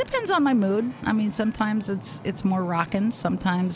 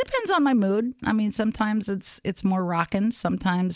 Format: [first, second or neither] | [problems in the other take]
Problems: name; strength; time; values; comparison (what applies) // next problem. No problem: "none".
second | background sound (Wind / Ocean); 17 dB below the speech